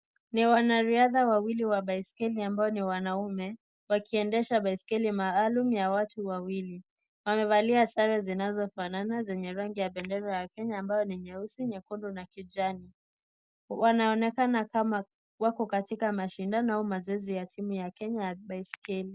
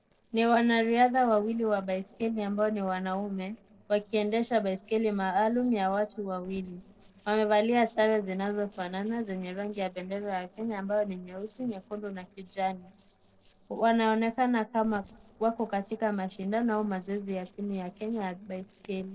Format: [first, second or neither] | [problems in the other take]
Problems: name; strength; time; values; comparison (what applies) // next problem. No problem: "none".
first | noise reduction (neural separator model SepFormer DNS4)